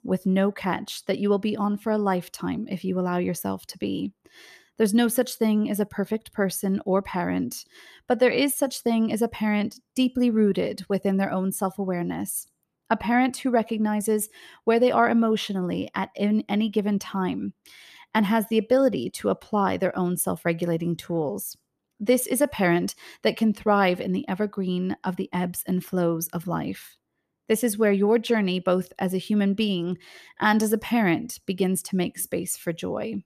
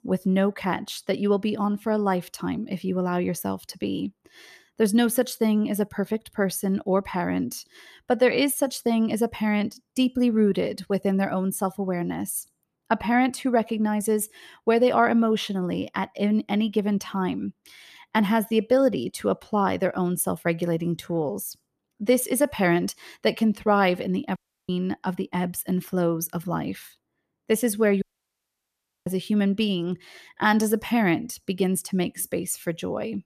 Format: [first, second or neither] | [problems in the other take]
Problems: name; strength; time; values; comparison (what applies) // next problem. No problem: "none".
first | audio cutting out; at 24 s and at 28 s for 1 s